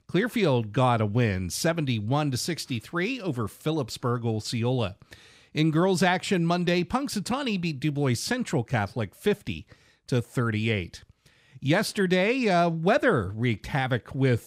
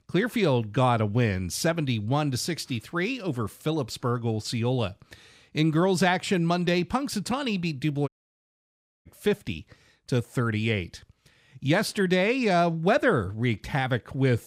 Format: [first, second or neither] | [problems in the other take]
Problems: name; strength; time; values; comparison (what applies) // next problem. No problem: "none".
first | audio cutting out; at 8 s for 1 s